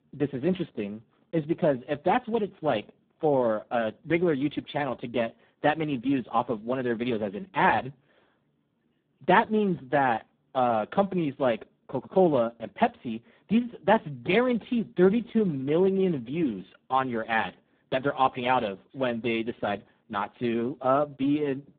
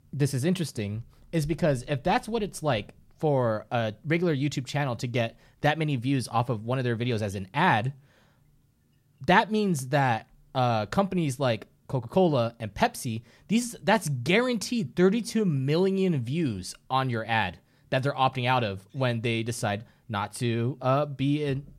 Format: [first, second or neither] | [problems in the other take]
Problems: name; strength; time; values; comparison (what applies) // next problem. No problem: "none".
second | phone-call audio; poor line; nothing above 3.5 kHz